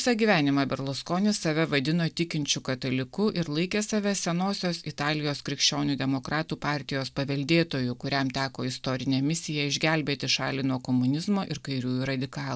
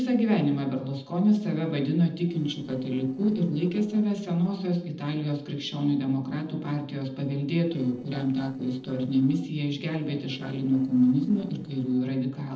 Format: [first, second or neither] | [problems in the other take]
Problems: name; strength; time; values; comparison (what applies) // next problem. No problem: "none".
first | noise reduction (neural separator model SepFormer DNS4)